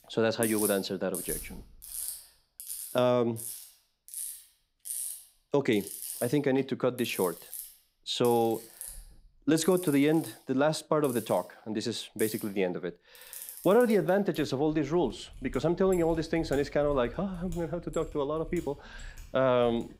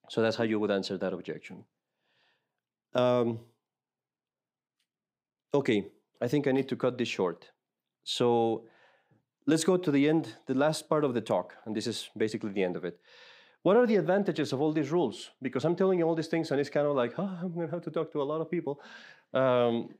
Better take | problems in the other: second | machinery noise; noticeable; throughout; 10 dB below the speech

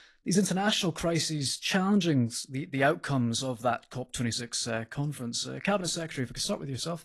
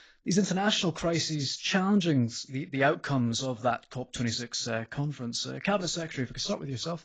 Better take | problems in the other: first | garbled, watery; badly; nothing above 7.5 kHz; slightly in the first

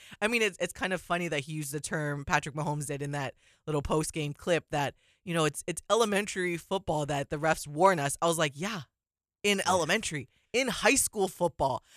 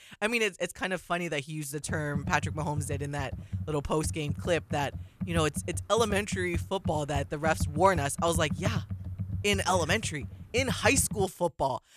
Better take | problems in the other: first | keyboard typing; noticeable; from 2 to 11 s; peak 3 dB below the speech

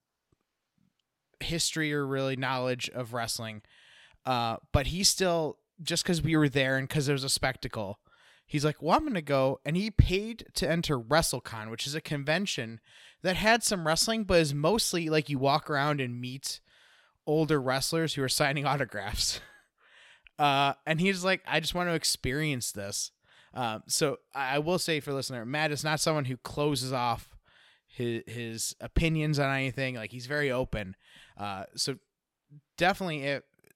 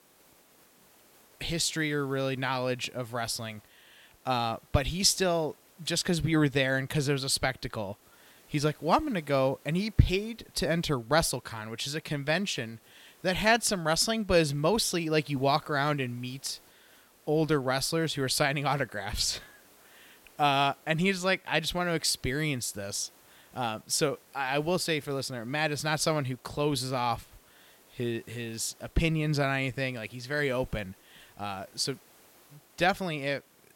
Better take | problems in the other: first | hiss; faint; throughout; 30 dB below the speech

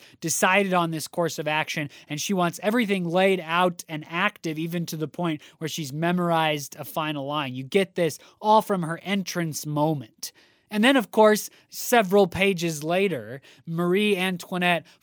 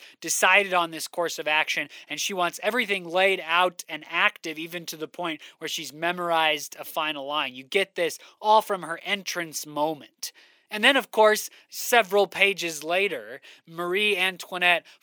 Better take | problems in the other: first | thin; somewhat; fading below 400 Hz

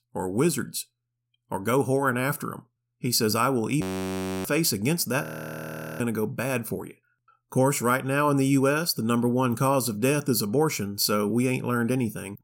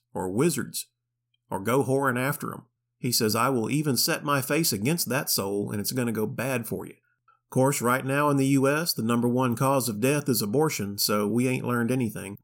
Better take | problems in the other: second | audio freezing; at 4 s for 0.5 s and at 5 s for 1 s

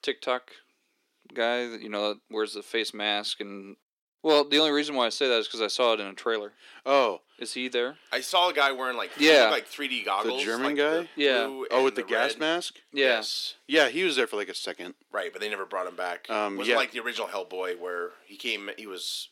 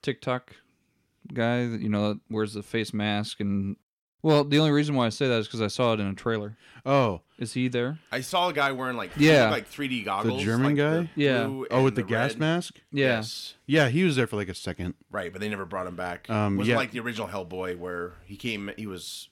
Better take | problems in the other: second | thin; somewhat; fading below 350 Hz

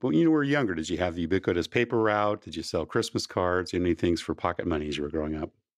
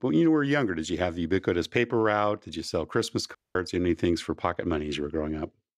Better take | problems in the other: first | audio cutting out; at 3.5 s

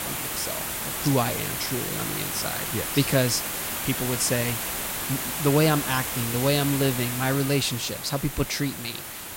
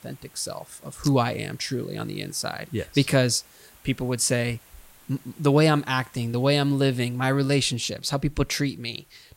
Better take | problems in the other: second | hiss; loud; throughout; 2 dB below the speech; faint in the second

